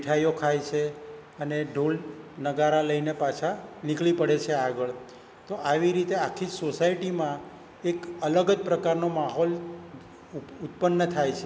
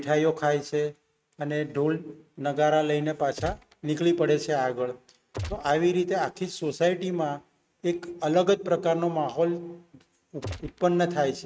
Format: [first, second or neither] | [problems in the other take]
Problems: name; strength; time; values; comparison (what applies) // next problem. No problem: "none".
first | noise reduction (neural mask model RNNoise)